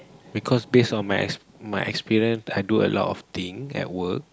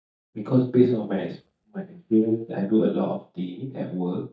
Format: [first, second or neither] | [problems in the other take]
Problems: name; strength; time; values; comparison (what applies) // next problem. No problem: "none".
first | noise reduction (neural mask model DeepFilterNet 3)